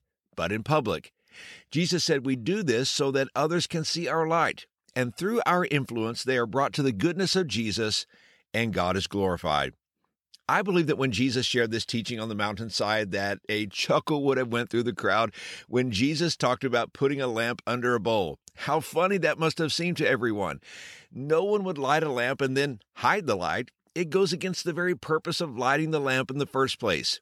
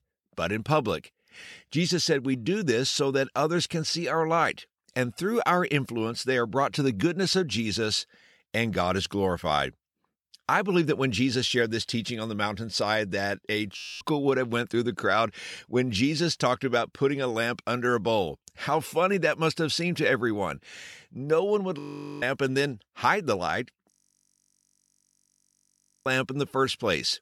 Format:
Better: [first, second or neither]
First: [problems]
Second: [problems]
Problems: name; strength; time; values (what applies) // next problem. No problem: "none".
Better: first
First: none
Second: audio freezing; at 14 s, at 22 s and at 24 s for 2 s